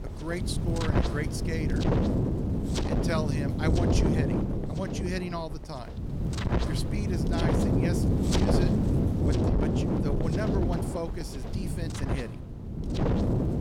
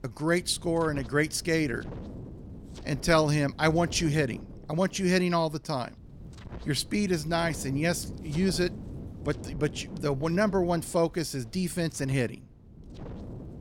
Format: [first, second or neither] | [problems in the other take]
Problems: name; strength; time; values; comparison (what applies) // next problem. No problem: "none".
second | wind noise on the microphone; heavy; 4 dB above the speech; occasional gusts in the second